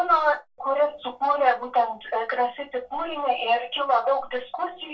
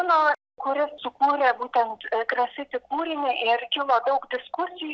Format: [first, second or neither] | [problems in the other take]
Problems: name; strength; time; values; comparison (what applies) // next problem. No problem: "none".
second | room echo; dies away in 0.2 s